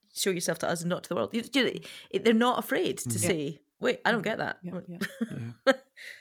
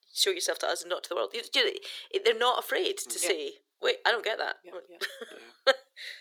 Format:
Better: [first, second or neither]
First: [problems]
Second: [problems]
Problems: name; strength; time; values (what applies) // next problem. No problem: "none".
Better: first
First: none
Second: thin; very; fading below 350 Hz